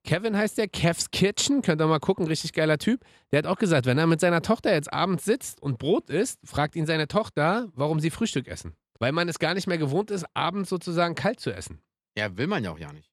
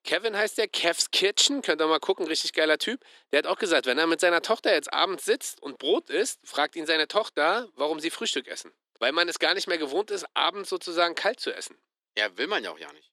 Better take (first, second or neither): first